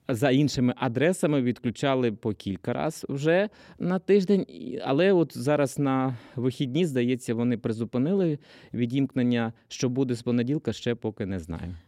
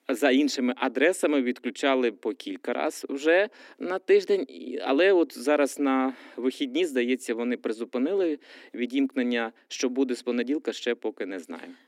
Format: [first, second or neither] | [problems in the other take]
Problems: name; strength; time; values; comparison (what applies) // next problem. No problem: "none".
first | thin; very slightly; fading below 250 Hz